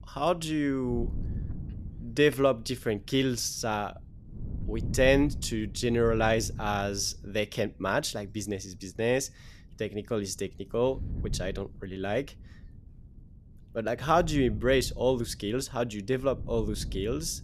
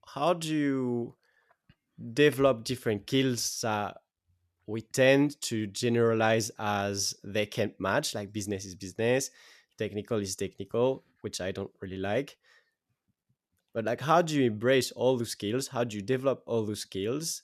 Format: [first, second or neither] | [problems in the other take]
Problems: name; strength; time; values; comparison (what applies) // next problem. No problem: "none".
second | wind noise on the microphone; occasional gusts; 25 dB below the speech